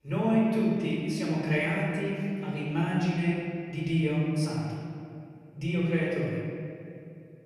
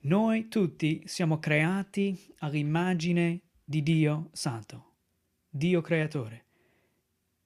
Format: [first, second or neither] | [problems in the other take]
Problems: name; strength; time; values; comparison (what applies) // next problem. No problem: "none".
second | off-mic speech; far // room echo; strong; dies away in 2.3 s